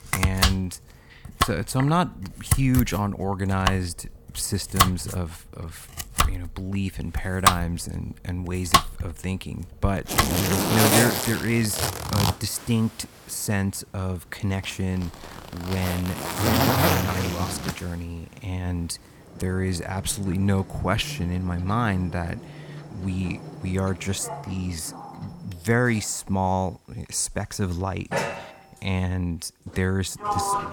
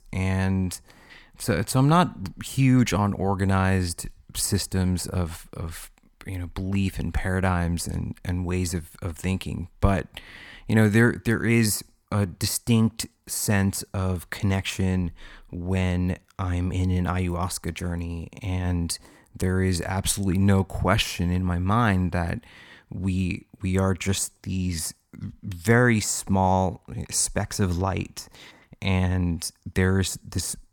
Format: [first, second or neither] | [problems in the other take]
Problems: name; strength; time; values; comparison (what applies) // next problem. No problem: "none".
second | household noises; very loud; throughout; 2 dB above the speech